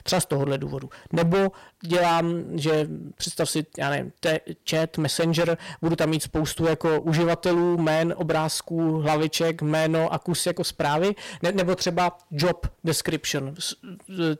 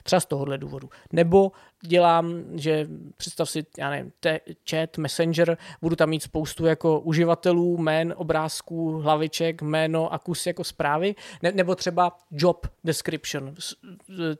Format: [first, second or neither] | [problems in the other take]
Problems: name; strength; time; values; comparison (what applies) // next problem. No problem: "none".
second | distortion; heavy; 16% of the sound clipped